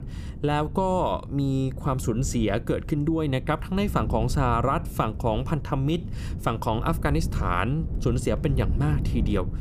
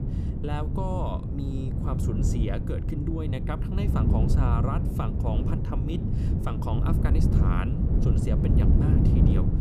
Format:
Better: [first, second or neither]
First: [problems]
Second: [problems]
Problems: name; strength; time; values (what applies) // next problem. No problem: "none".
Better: first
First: wind noise on the microphone; occasional gusts; 15 dB below the speech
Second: wind noise on the microphone; heavy; as loud as the speech